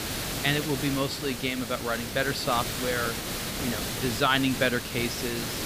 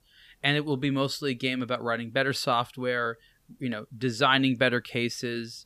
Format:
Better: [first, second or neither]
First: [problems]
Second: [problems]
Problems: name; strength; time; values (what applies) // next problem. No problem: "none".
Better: second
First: hiss; loud; throughout; 3 dB below the speech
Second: none